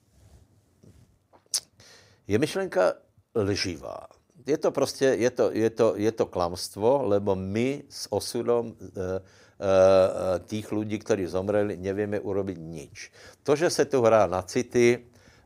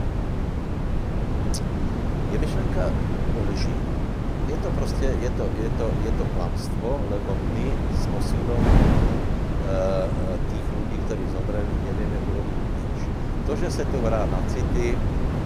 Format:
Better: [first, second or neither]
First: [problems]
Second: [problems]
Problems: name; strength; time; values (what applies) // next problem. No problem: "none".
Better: first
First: none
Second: wind noise on the microphone; heavy; as loud as the speech